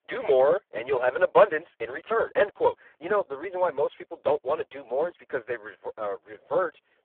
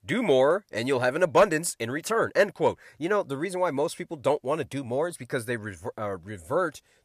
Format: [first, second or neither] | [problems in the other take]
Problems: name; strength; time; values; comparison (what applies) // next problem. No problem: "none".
second | phone-call audio; poor line; nothing above 3.5 kHz